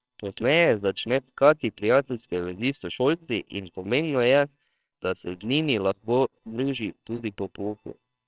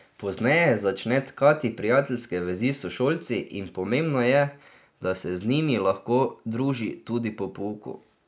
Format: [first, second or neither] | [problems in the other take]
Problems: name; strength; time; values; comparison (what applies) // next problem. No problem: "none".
second | noise reduction (neural separator model SepFormer WHAMR!)